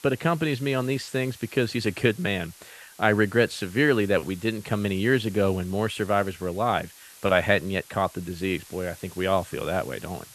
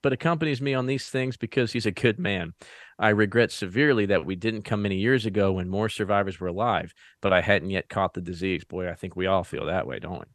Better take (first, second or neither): second